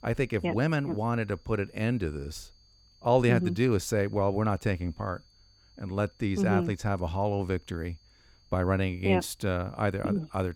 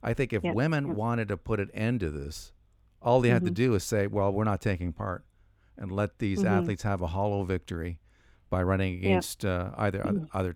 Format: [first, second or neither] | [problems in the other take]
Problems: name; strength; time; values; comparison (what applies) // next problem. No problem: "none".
second | high-pitched whine; faint; throughout; 4.5 kHz, 30 dB below the speech